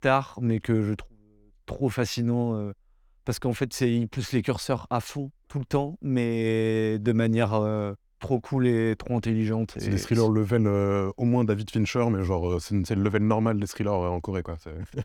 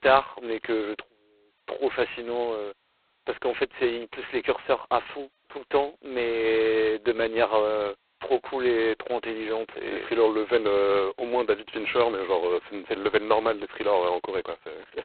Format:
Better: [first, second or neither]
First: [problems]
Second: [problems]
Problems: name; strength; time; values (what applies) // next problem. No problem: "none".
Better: first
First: none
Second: phone-call audio; poor line; nothing above 4 kHz